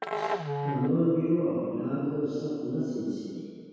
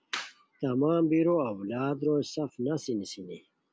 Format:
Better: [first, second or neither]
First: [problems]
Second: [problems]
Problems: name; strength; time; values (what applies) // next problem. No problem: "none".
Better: second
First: background sound (Musical instrument); 6 dB below the speech // room echo; dies away in 2 s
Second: none